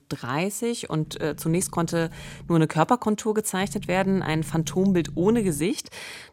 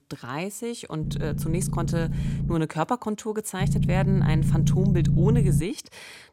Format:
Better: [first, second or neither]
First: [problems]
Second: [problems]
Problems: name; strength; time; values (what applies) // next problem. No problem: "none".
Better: first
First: low rumble; faint; from 1 to 2.5 s and from 3.5 to 5.5 s; 25 dB below the speech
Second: low rumble; loud; from 1 to 2.5 s and from 3.5 to 5.5 s; 3 dB below the speech